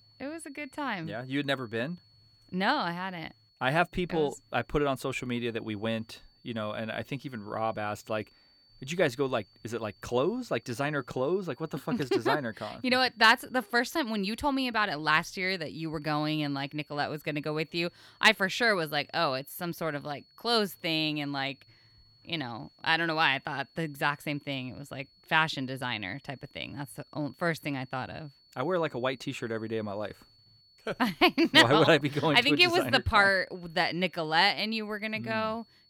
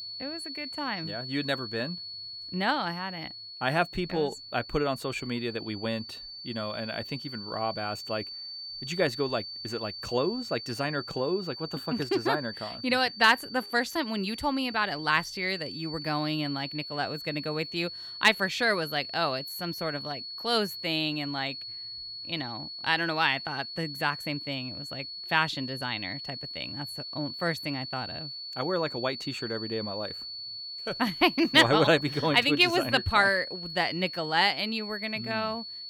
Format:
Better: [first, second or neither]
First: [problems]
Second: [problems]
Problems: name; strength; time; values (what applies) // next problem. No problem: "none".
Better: first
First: high-pitched whine; faint; throughout; 4.5 kHz, 30 dB below the speech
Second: high-pitched whine; loud; throughout; 4.5 kHz, 9 dB below the speech